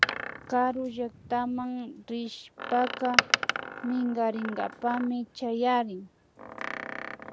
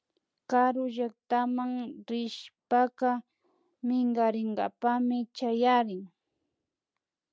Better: second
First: background sound (Door); 3 dB below the speech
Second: none

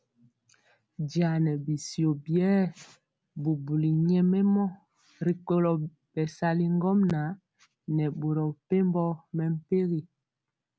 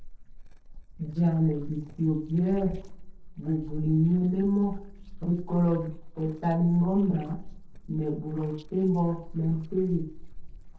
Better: first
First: none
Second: noise reduction (neural separator model SepFormer DNS4)

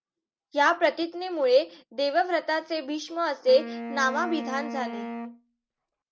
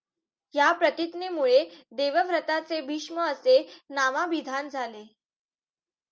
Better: second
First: background sound (Wind instrument, woodwind instrument); 10 dB below the speech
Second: none

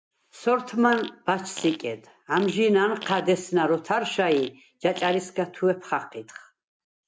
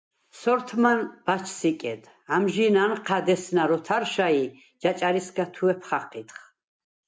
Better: second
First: background sound (Fart); 17 dB below the speech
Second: none

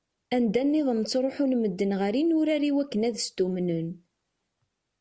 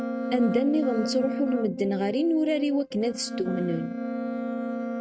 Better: first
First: none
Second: noise reduction (neural mask model RNNoise)

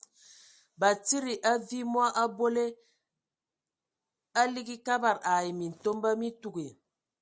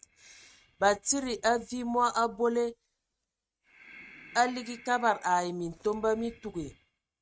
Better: first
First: none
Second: noise reduction (neural mask model RNNoise)

